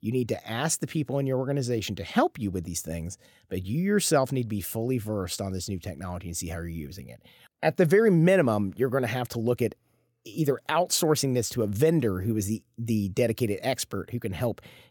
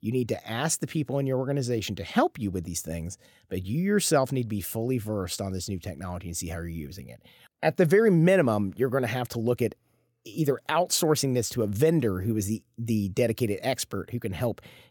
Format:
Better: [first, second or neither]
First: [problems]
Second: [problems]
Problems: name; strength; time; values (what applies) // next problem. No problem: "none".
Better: neither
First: none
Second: none